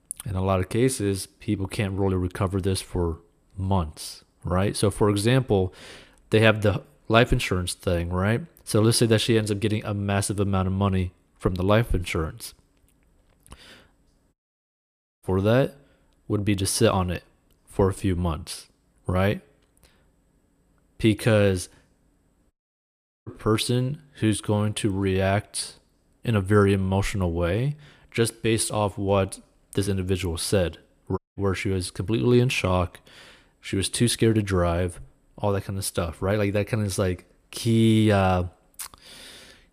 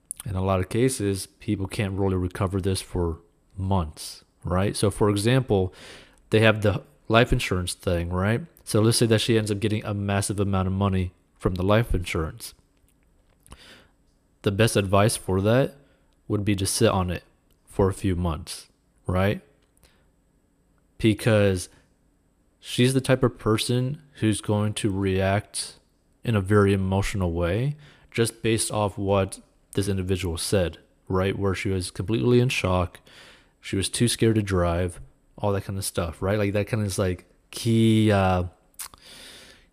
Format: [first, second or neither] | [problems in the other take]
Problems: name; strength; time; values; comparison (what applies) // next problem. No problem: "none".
second | audio cutting out; at 14 s for 1 s, at 23 s for 0.5 s and at 31 s